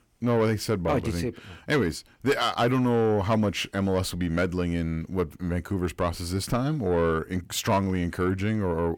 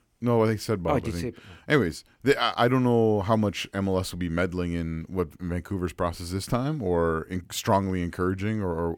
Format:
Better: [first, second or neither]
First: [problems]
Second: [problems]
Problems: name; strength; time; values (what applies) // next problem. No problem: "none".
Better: second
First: distortion; slight; 10 dB below the speech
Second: none